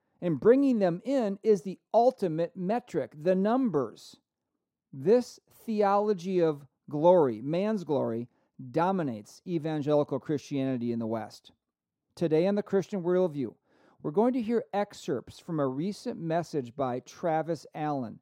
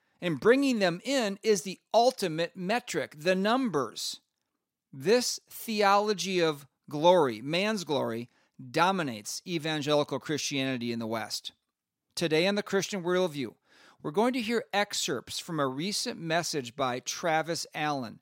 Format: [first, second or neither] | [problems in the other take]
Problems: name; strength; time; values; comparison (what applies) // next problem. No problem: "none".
second | muffled; very; fading above 1.5 kHz